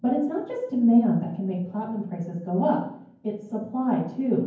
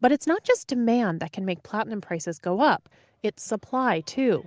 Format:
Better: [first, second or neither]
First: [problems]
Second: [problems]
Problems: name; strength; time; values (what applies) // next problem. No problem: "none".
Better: second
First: room echo; dies away in 0.9 s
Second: none